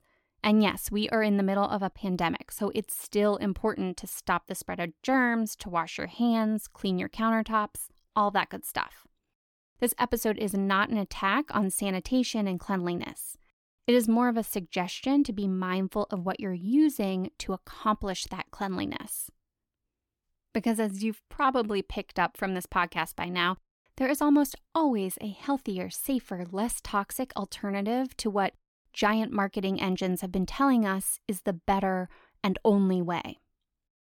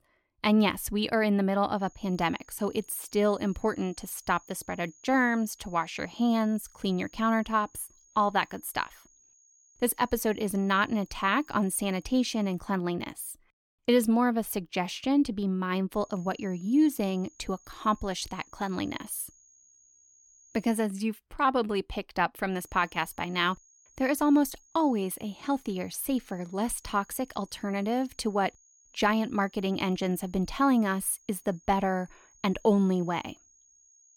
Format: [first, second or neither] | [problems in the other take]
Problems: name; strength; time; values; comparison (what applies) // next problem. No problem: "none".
first | high-pitched whine; faint; from 2 to 13 s, from 16 to 21 s and from 23 s on; 6.5 kHz, 30 dB below the speech